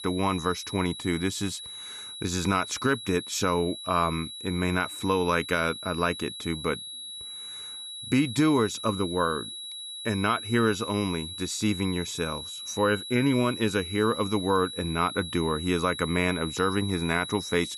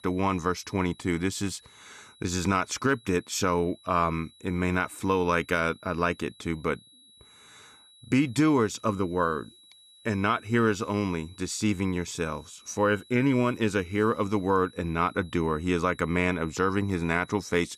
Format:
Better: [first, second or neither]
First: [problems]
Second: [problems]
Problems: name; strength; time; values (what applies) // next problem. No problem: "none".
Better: second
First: high-pitched whine; loud; throughout; 4 kHz, 9 dB below the speech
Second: high-pitched whine; faint; throughout; 4 kHz, 25 dB below the speech